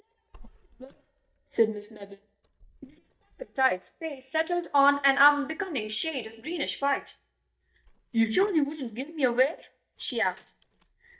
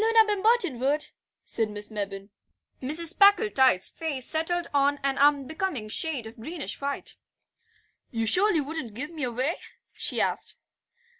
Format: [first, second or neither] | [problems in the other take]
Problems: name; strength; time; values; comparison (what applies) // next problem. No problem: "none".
second | noise reduction (neural mask model DeepFilterNet 3)